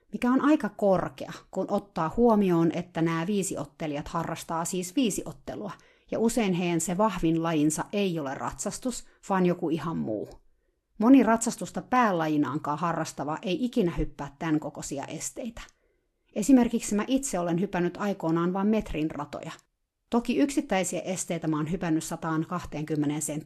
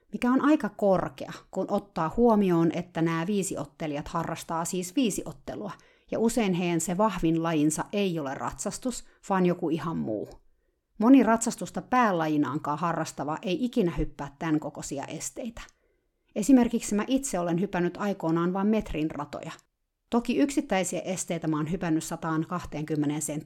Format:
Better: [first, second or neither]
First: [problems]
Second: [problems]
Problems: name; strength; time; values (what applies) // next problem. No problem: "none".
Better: second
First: garbled, watery; slightly; nothing above 12.5 kHz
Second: none